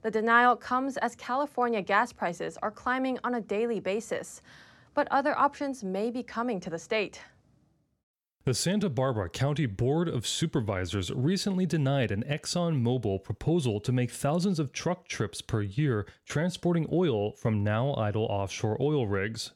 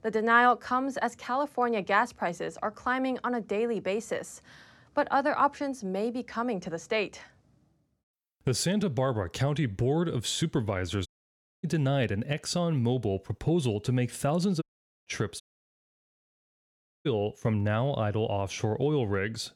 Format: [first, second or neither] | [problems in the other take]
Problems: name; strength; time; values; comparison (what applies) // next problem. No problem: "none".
first | audio cutting out; at 11 s for 0.5 s and at 15 s for 1.5 s